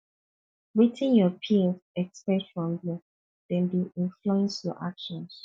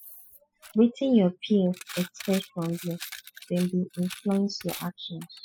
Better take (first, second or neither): first